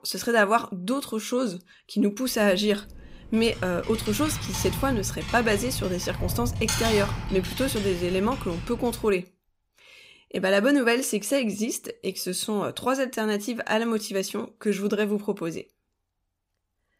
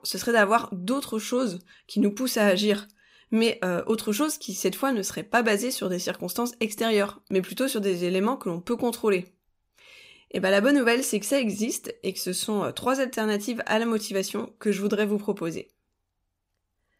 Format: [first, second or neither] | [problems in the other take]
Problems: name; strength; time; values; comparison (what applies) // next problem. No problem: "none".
second | keyboard typing; noticeable; from 3 to 9 s; peak level with the speech